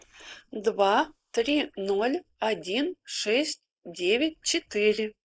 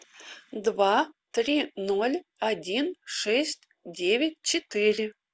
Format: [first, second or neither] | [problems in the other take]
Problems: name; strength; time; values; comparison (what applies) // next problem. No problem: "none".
second | noise reduction (neural mask model Resemble Enhance denoiser)